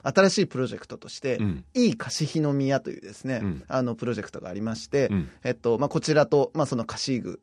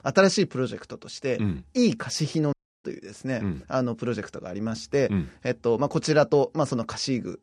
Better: first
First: none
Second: audio cutting out; at 2.5 s

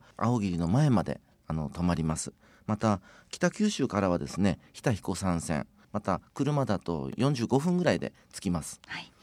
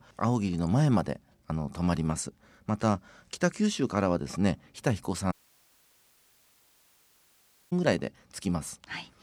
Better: first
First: none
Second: audio cutting out; at 5.5 s for 2.5 s

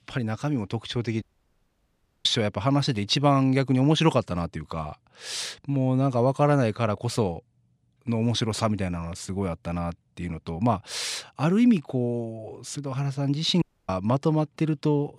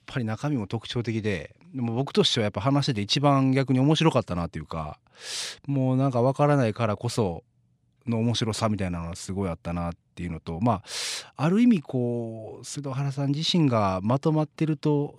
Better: second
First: audio cutting out; at 1 s for 1 s and at 14 s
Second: none

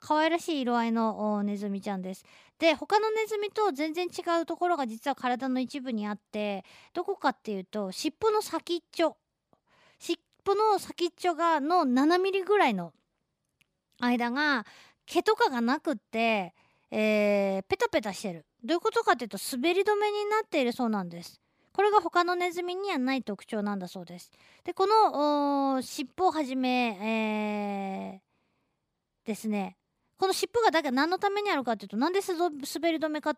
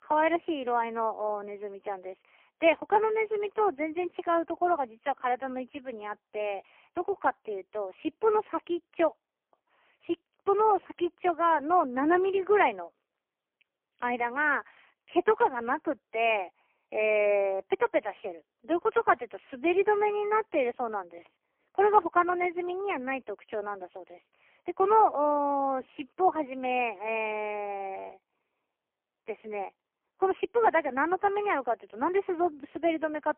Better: first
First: none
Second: phone-call audio; poor line

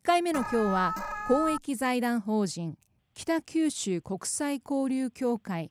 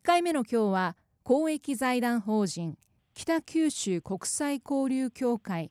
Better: second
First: alarm; noticeable; until 1.5 s; peak 2 dB below the speech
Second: none

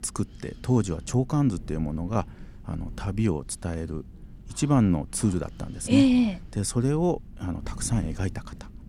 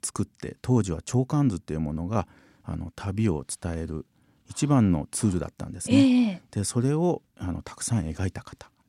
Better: second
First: wind noise on the microphone; occasional gusts; 25 dB below the speech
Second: none

